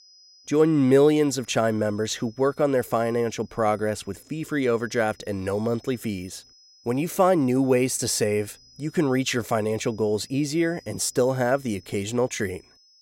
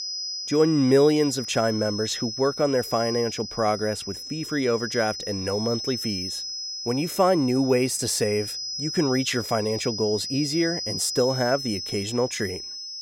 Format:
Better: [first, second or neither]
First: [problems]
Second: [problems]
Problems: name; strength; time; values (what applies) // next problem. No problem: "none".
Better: first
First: high-pitched whine; faint; throughout; 5 kHz, 30 dB below the speech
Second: high-pitched whine; loud; throughout; 5 kHz, 6 dB below the speech